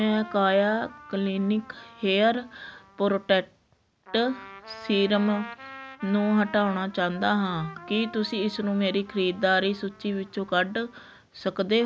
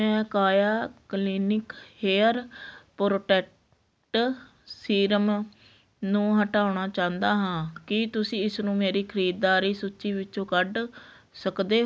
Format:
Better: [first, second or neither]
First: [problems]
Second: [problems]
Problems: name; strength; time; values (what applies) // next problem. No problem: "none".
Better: second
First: background sound (Trumpet); 19 dB below the speech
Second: none